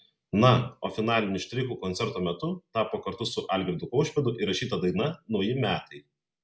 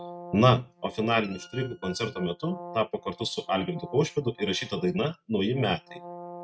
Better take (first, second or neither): first